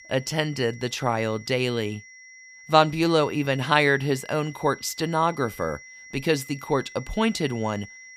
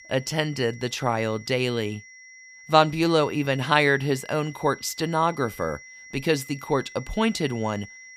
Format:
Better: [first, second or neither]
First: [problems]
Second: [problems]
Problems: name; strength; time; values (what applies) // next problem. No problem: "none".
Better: neither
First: high-pitched whine; noticeable; throughout; 2 kHz, 20 dB below the speech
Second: high-pitched whine; noticeable; throughout; 2 kHz, 20 dB below the speech